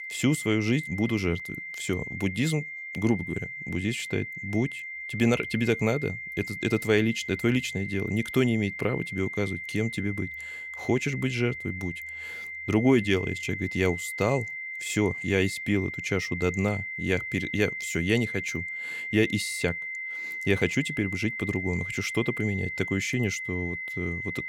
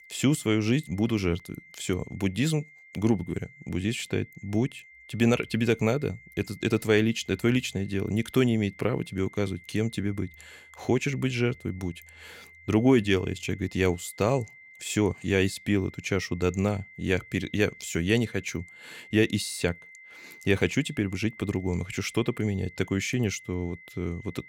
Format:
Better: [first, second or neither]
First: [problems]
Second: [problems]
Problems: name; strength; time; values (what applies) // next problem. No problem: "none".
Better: second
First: high-pitched whine; loud; throughout; 2 kHz, 6 dB below the speech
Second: high-pitched whine; faint; throughout; 2 kHz, 20 dB below the speech